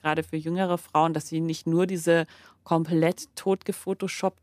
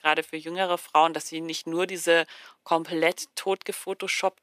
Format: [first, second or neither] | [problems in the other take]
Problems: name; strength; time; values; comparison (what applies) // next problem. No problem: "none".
first | thin; very; fading below 500 Hz